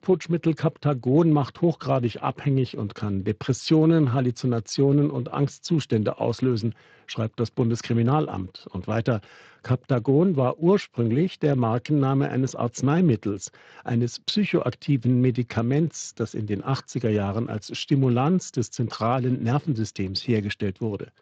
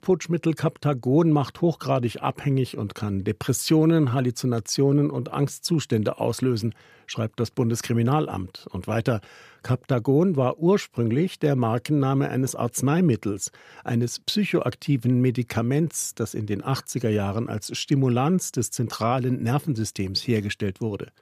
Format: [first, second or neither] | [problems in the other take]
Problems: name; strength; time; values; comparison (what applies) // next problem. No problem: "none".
second | garbled, watery; slightly